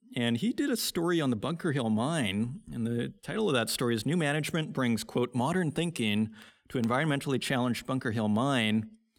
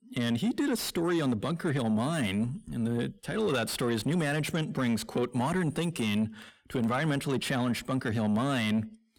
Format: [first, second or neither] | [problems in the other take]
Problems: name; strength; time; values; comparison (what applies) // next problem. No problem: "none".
first | distortion; slight; 10 dB below the speech